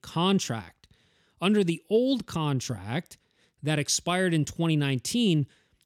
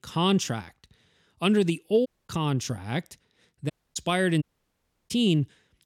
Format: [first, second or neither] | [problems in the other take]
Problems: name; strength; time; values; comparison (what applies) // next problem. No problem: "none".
first | audio cutting out; at 2 s, at 3.5 s and at 4.5 s for 0.5 s